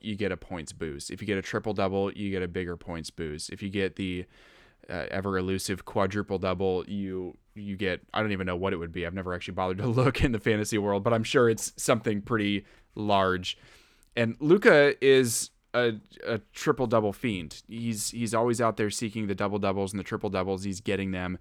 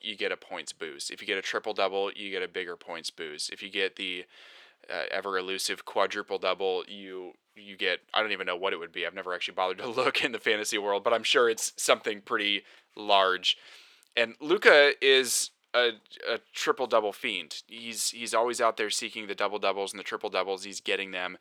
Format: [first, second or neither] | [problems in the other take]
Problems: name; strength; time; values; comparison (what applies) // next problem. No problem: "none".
first | thin; very; fading below 550 Hz